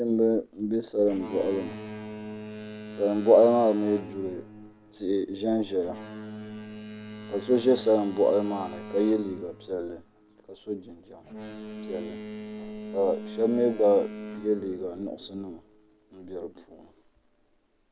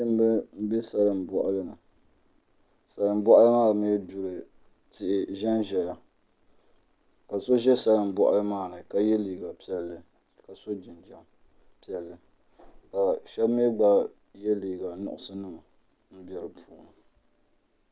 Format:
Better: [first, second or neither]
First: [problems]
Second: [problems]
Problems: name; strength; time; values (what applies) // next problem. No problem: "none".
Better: second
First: background sound (Boat, Water vehicle); 14 dB below the speech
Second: none